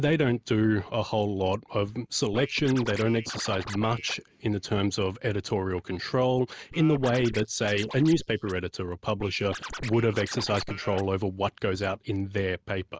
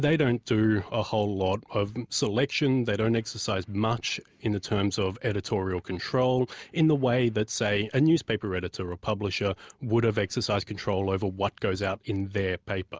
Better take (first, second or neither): second